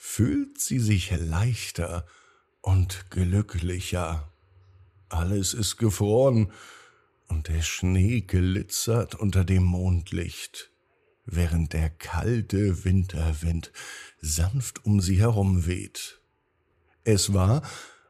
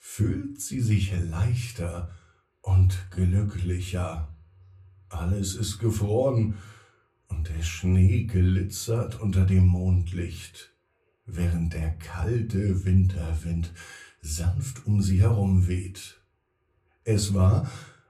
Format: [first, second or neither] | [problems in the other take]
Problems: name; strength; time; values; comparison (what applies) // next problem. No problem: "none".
first | off-mic speech; far // room echo; very slight; dies away in 0.3 s